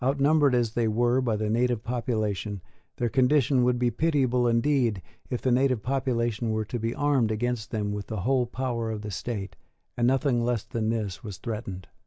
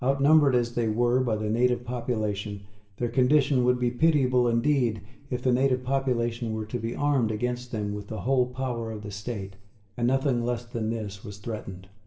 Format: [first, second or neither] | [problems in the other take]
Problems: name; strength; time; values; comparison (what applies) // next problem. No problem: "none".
first | room echo; dies away in 0.7 s